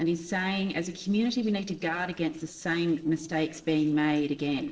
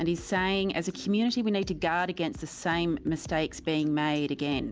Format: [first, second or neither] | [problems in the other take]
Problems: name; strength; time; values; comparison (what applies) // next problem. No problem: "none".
second | noise reduction (neural separator model SepFormer DNS4)